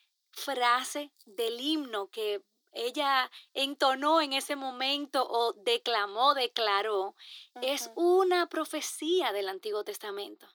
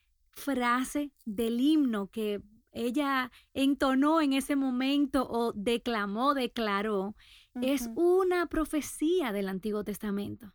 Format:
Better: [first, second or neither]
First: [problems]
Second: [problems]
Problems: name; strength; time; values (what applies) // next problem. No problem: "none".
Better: second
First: thin; very; fading below 350 Hz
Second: none